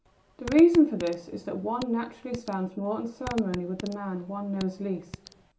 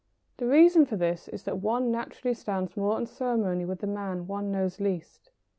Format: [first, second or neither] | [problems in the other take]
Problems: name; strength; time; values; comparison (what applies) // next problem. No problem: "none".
second | background sound (Fart); 17 dB below the speech // room echo; dies away in 0.4 s